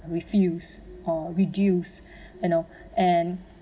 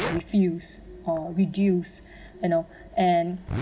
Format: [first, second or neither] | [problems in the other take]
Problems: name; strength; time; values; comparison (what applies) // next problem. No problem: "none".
first | background sound (Zipper (clothing)); 12 dB below the speech